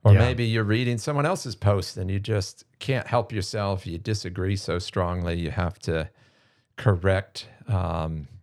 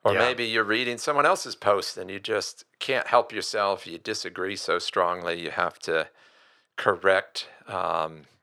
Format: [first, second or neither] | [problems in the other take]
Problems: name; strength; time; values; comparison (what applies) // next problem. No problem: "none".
first | thin; very; fading below 450 Hz